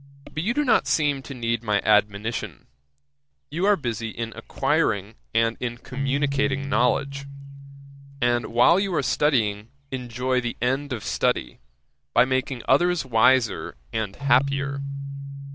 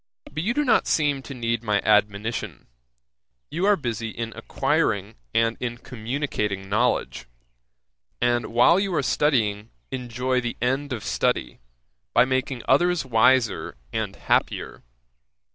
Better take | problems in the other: second | background sound (Keyboard (musical)); 10 dB below the speech

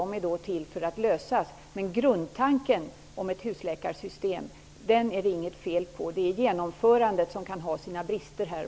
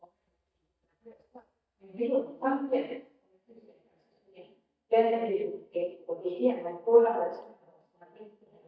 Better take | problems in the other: first | noise reduction (neural mask model DeepFilterNet 3)

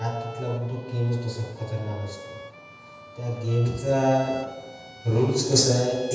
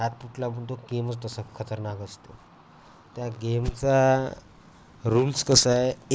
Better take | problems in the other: second | background sound (Bowed string instrument); 18 dB below the speech // room echo; dies away in 1.1 s

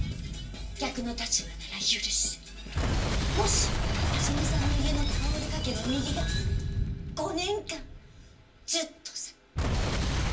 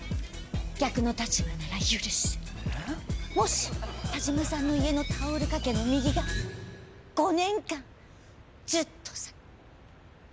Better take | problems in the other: second | background sound (Boom); 3 dB above the speech // room echo; dies away in 0.3 s

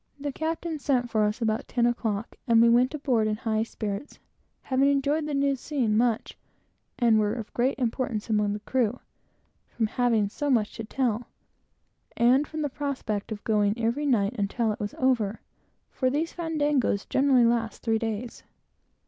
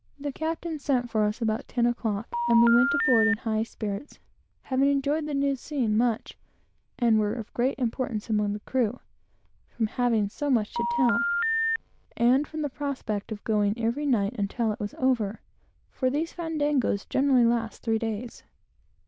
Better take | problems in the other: first | noise reduction (neural diffusion model UNIVERSE++)

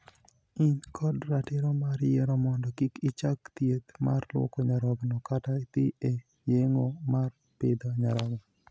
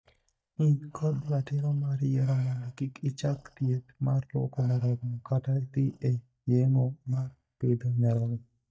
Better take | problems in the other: first | noise reduction (neural mask model DeepFilterNet 3)

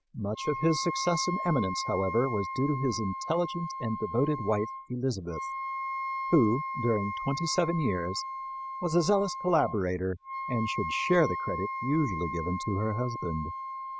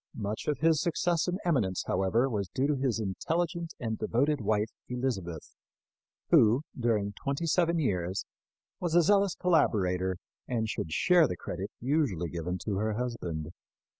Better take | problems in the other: second | background sound (Wind instrument, woodwind instrument); 6 dB below the speech

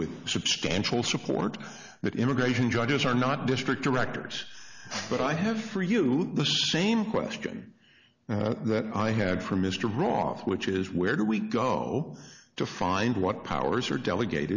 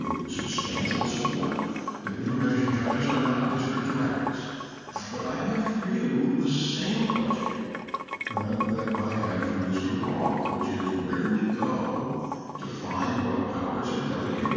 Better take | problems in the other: first | background sound (Sink (filling or washing) / Water); 9 dB below the speech // room echo; dies away in 2.1 s

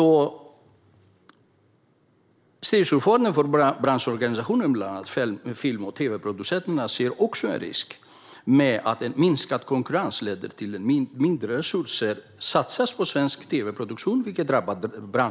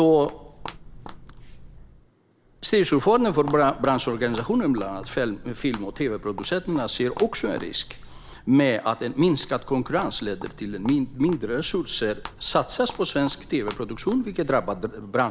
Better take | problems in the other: first | background sound (Walk, footsteps); 16 dB below the speech

